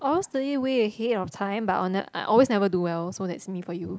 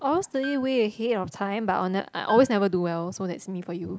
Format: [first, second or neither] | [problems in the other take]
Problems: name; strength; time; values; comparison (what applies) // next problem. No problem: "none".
first | background sound (Piano); 20 dB below the speech